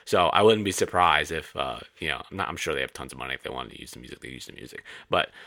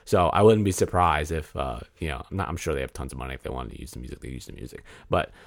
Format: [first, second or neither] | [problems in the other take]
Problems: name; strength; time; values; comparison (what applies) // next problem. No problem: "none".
second | thin; very slightly; fading below 550 Hz